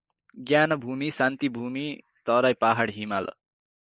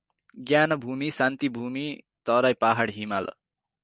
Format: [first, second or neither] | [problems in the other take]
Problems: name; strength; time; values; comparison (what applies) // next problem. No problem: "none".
second | noise reduction (neural mask model Resemble Enhance denoiser)